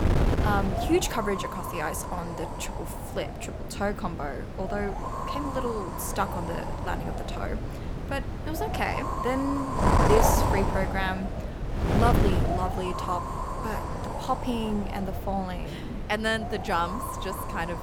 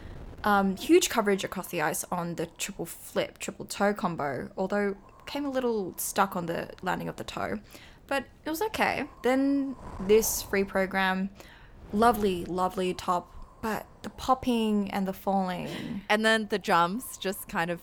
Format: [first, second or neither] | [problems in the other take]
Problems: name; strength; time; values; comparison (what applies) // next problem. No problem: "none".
second | wind noise on the microphone; heavy; 1 dB below the speech; occasional gusts in the second